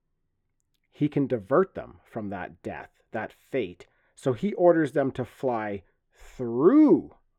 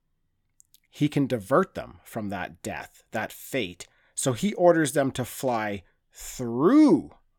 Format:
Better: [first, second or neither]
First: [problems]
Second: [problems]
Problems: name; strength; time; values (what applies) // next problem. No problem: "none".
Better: second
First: muffled; very; fading above 3.5 kHz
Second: none